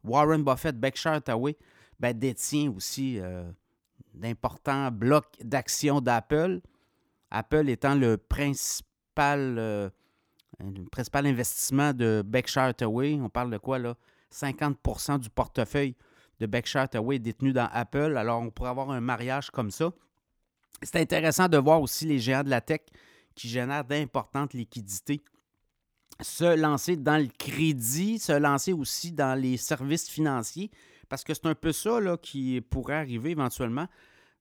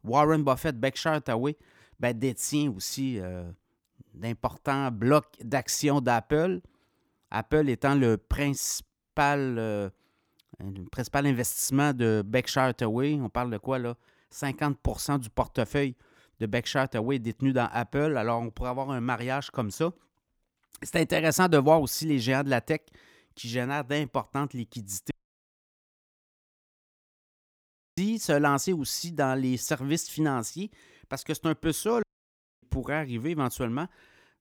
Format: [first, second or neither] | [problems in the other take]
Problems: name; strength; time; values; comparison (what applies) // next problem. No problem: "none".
first | audio cutting out; at 25 s for 3 s and at 32 s for 0.5 s